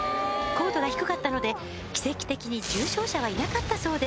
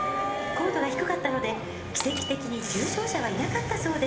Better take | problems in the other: first | background sound (Walk, footsteps / Subway, metro, underground); 11 dB below the speech // room echo; dies away in 1 s

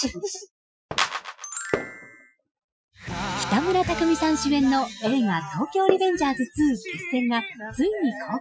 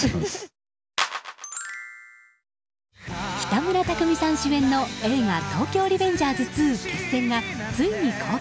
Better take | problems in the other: second | noise reduction (classical method Wiener filter)

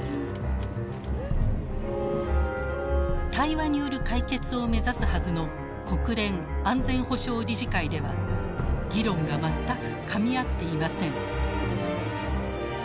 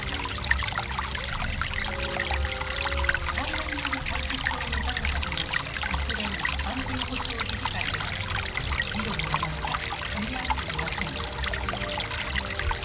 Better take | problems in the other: first | background sound (Stream / Trickle, dribble); 3 dB above the speech // room echo; dies away in 0.9 s

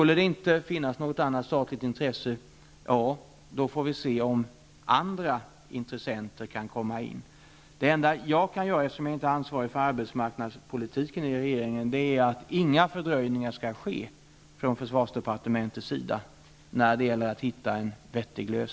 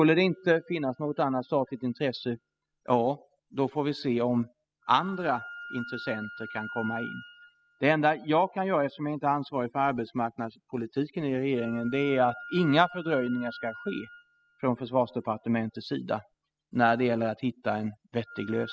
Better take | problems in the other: first | noise reduction (classical method spectral subtraction)

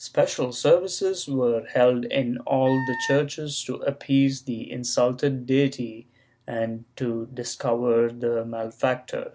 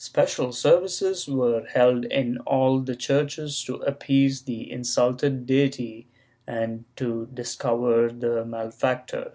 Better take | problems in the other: second | background sound (Wind instrument, woodwind instrument); 10 dB below the speech

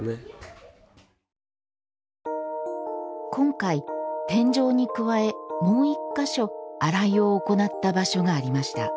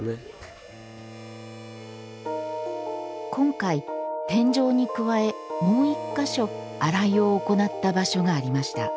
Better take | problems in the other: first | background sound (Harmonica + Bowed string instrument); 18 dB below the speech

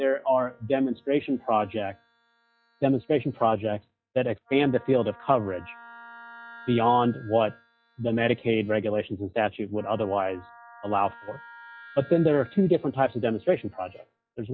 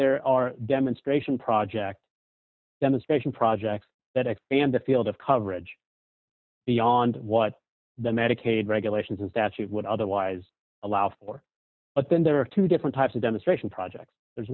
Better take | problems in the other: second | noise reduction (classical method log-MMSE)

